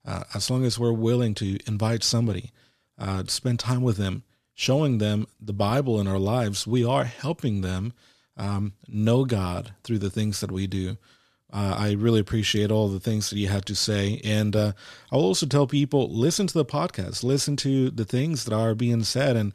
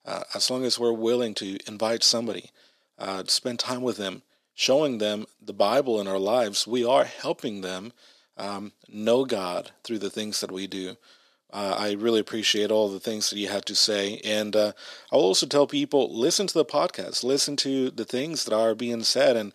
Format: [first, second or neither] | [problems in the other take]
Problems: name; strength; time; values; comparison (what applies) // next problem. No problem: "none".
first | thin; somewhat; fading below 250 Hz